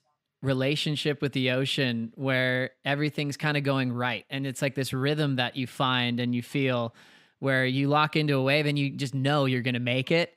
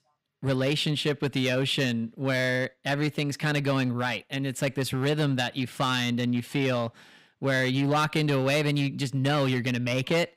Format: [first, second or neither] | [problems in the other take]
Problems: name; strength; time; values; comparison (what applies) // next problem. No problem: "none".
first | distortion; slight; 6% of the sound clipped